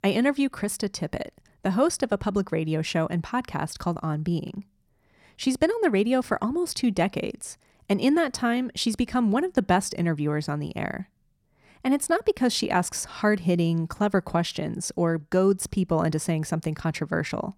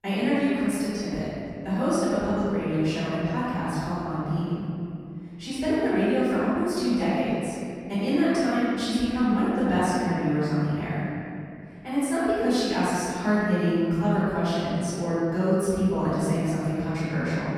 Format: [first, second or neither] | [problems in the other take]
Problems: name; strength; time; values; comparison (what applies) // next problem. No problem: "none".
first | room echo; strong; dies away in 2.5 s // off-mic speech; far